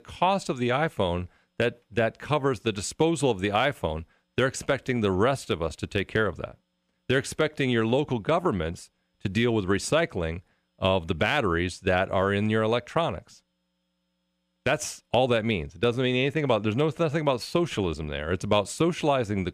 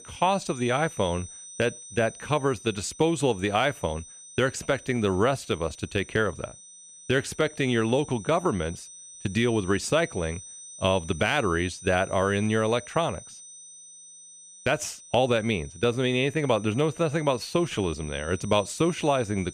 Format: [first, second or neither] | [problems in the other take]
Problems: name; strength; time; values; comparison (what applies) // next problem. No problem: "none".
first | high-pitched whine; noticeable; throughout; 6 kHz, 15 dB below the speech